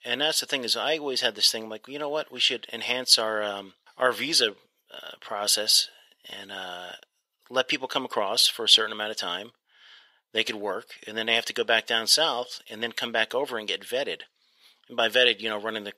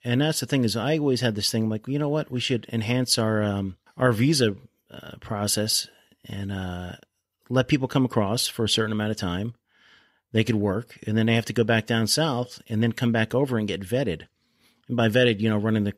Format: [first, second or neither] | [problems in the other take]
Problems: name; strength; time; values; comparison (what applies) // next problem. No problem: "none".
second | thin; very; fading below 650 Hz